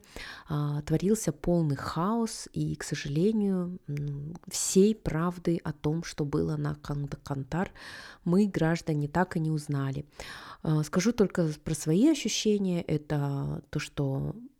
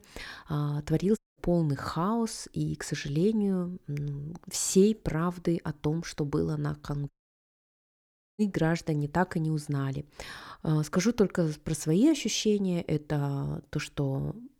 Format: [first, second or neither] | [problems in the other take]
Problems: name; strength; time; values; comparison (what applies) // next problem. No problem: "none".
first | audio cutting out; at 1 s and at 7 s for 1.5 s